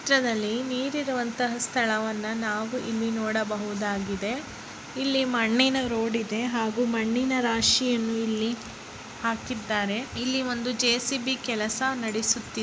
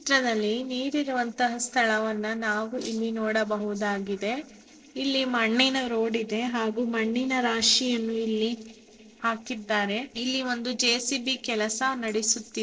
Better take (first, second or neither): first